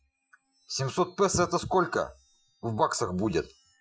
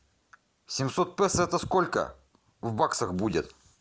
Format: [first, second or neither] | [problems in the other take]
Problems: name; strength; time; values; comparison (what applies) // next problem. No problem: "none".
second | noise reduction (classical method Wiener filter)